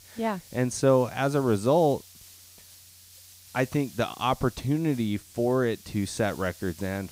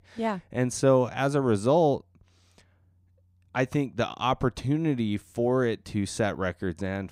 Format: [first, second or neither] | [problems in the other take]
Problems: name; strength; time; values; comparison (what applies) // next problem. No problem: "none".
second | hiss; faint; throughout; 20 dB below the speech